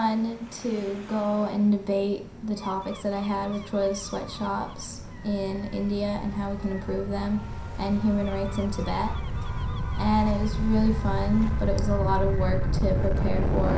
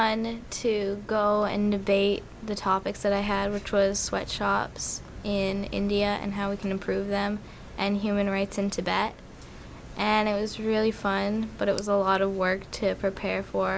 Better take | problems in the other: second | background sound (Gull, seagull / Waves, surf / Siren); 1 dB below the speech // room echo; dies away in 0.5 s

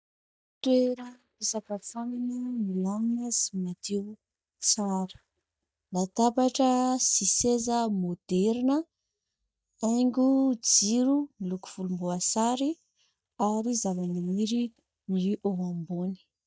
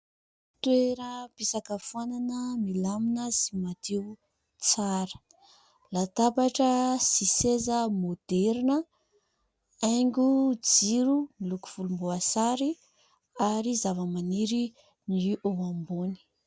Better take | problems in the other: second | noise reduction (neural mask model DeepFilterNet 3)

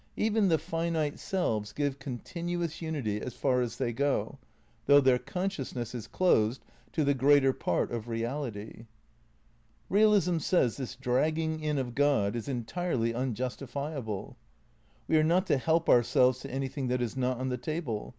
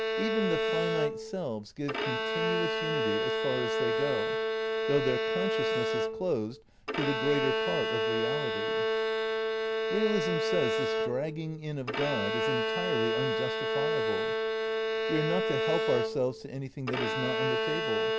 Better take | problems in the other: first | background sound (Bowed string instrument); 4 dB above the speech

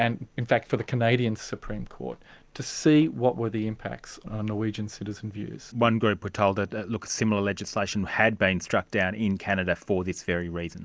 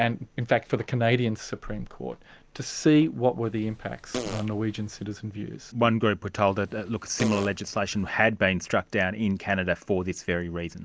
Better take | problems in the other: first | background sound (Fart); 12 dB below the speech

